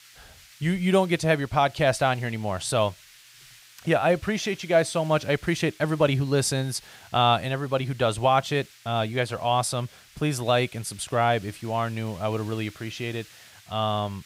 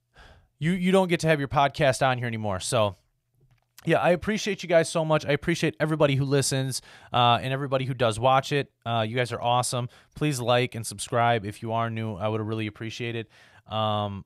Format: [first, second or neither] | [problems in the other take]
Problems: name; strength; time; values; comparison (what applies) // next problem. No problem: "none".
second | hiss; faint; throughout; 25 dB below the speech